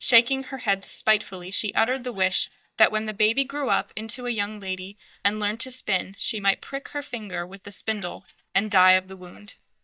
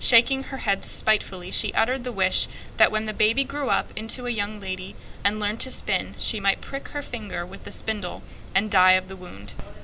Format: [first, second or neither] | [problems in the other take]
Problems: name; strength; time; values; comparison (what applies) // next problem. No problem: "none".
second | noise reduction (neural mask model DeepFilterNet 3)